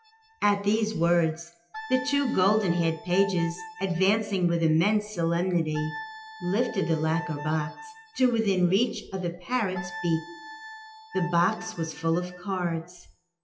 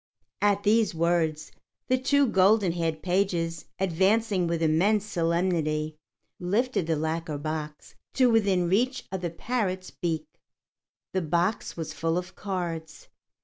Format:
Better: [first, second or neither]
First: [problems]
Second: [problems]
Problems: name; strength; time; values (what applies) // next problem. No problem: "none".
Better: second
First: noise reduction (classical method WPE with log-MMSE)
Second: none